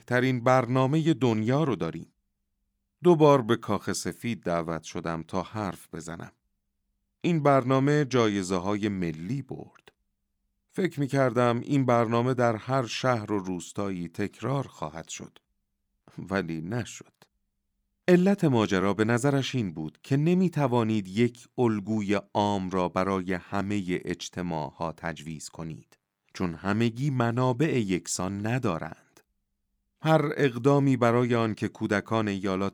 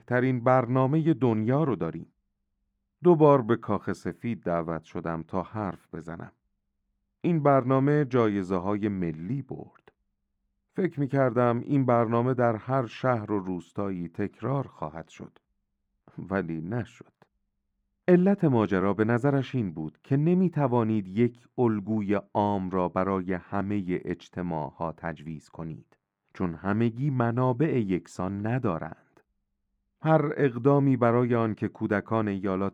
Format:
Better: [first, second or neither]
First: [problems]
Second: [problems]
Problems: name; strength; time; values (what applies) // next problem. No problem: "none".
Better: first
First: none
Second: muffled; very; fading above 3 kHz